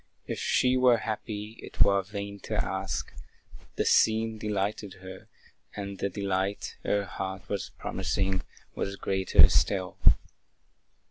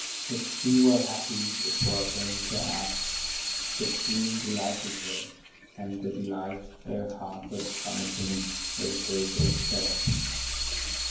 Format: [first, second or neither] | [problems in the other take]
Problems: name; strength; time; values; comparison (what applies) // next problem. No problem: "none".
first | background sound (Sink (filling or washing) / Water tap, faucet); 2 dB below the speech // room echo; dies away in 0.9 s